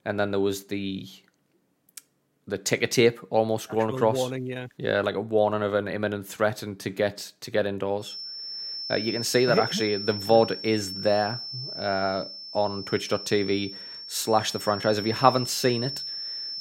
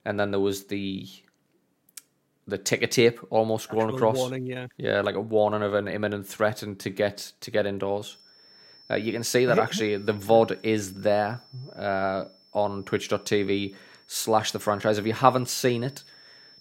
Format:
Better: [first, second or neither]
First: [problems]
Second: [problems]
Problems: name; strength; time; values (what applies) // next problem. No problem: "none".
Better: second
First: high-pitched whine; loud; from 8 s on; 5.5 kHz, 7 dB below the speech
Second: high-pitched whine; faint; from 8 s on; 5.5 kHz, 25 dB below the speech